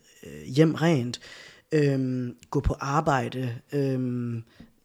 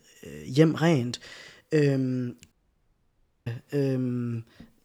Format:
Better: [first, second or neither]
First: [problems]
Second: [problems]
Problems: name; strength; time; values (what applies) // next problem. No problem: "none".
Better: first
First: none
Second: audio cutting out; at 2.5 s for 1 s